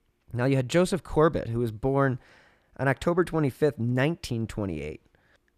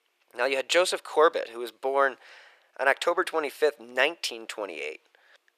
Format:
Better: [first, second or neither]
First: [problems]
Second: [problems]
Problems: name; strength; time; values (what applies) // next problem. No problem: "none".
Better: first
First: none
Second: thin; very; fading below 450 Hz